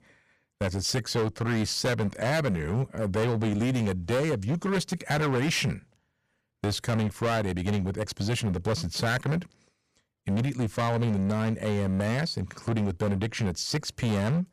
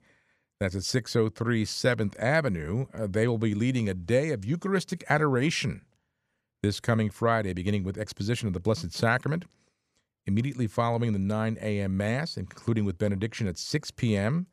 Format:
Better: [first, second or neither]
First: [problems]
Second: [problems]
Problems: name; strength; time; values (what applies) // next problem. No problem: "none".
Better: second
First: distortion; heavy; 17% of the sound clipped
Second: none